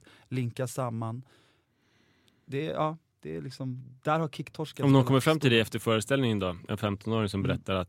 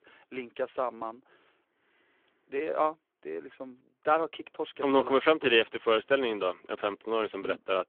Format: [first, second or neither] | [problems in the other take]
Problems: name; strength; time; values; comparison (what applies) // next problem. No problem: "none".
first | phone-call audio; nothing above 3 kHz